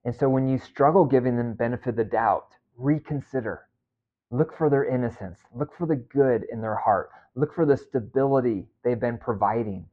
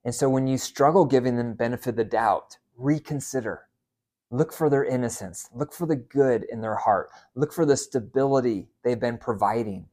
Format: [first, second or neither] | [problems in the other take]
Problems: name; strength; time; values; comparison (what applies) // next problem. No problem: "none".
second | muffled; very; fading above 2.5 kHz